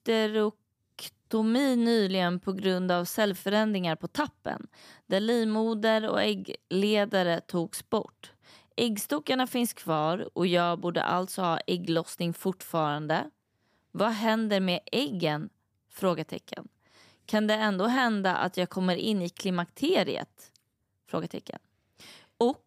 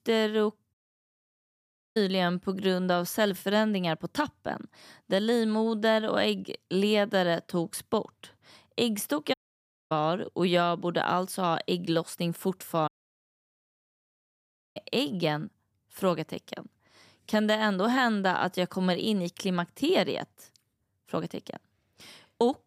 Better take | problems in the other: first | audio cutting out; at 0.5 s for 1 s, at 9.5 s for 0.5 s and at 13 s for 2 s

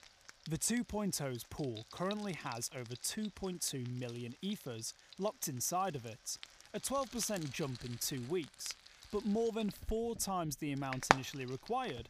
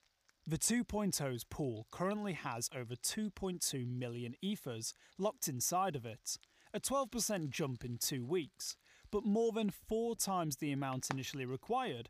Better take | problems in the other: second | household noises; loud; throughout; 5 dB below the speech; faint in the second

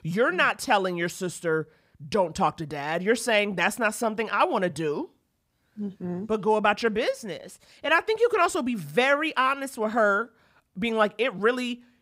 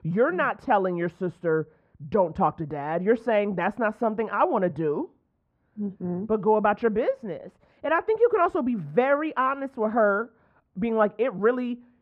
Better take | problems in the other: first | muffled; very; fading above 3 kHz

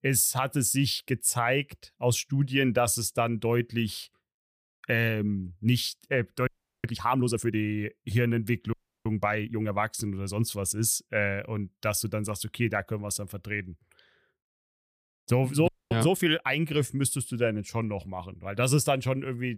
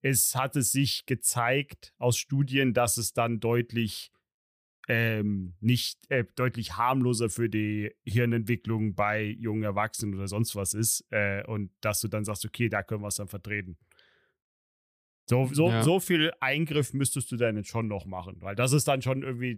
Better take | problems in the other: second | audio freezing; at 6.5 s, at 8.5 s and at 16 s

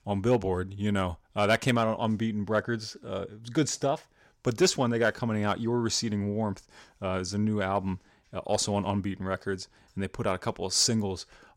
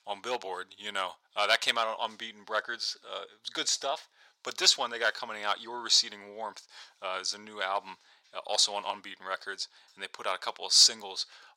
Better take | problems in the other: first | thin; very; fading below 900 Hz

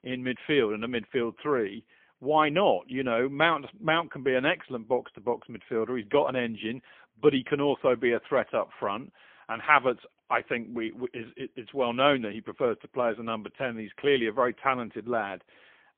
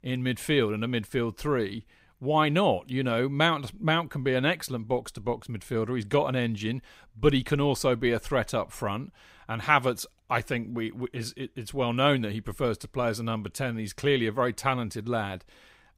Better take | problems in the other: second | phone-call audio; poor line; nothing above 3.5 kHz

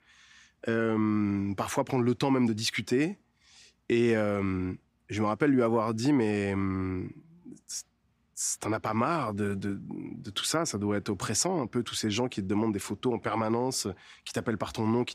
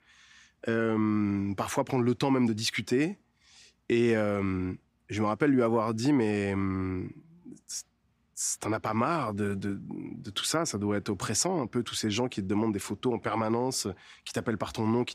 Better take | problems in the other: neither | none

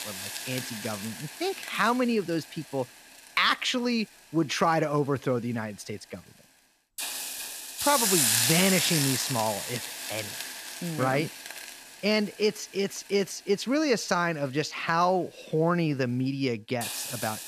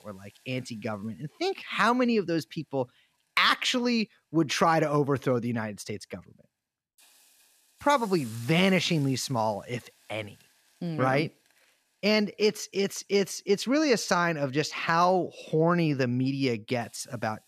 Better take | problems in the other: second | hiss; loud; throughout; 1 dB below the speech; faint in the second

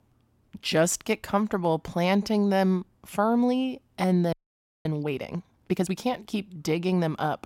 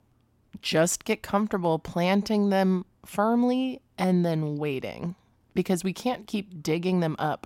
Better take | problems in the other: second | audio freezing; at 4.5 s for 0.5 s

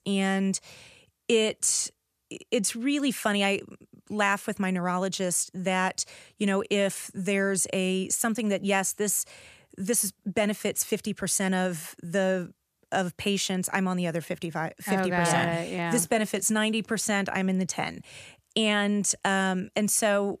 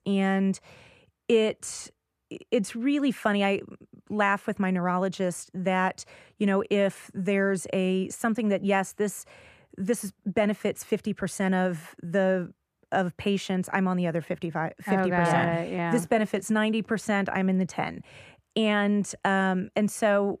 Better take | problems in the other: first | muffled; slightly; fading above 3 kHz

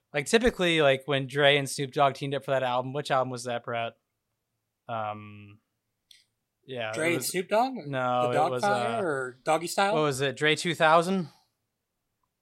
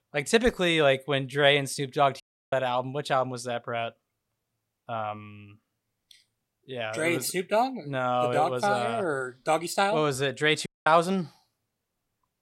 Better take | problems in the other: first | audio cutting out; at 2 s and at 11 s

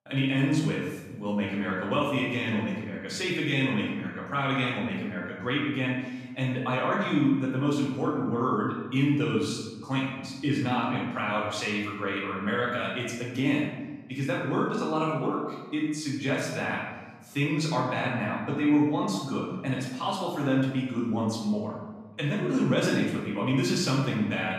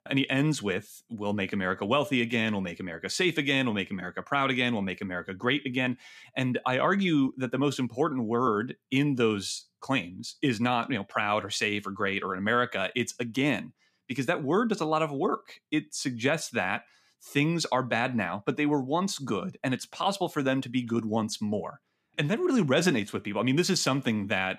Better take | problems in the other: second | room echo; noticeable; dies away in 1.1 s // off-mic speech; far

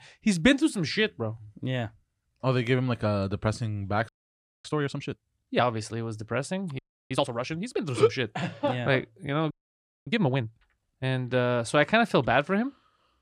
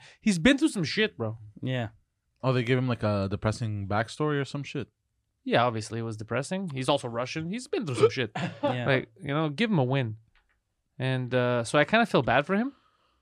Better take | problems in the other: second | audio freezing; at 4 s for 0.5 s, at 7 s and at 9.5 s for 0.5 s

